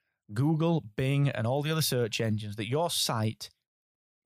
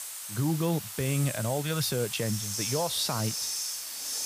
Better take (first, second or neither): first